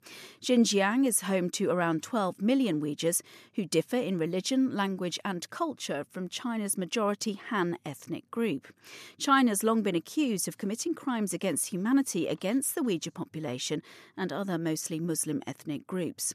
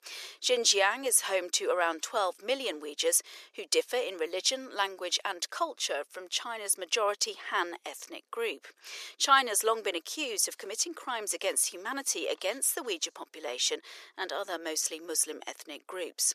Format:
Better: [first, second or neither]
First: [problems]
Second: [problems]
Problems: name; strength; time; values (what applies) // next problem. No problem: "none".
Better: first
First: none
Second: thin; very; fading below 400 Hz